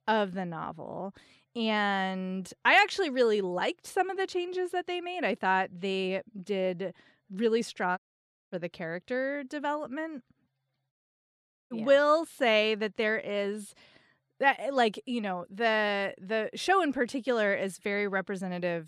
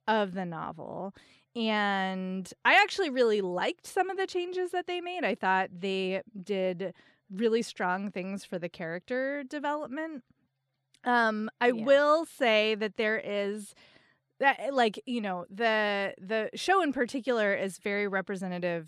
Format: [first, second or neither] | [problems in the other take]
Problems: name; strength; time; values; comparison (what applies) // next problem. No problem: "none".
second | audio cutting out; at 8 s for 0.5 s and at 11 s for 1 s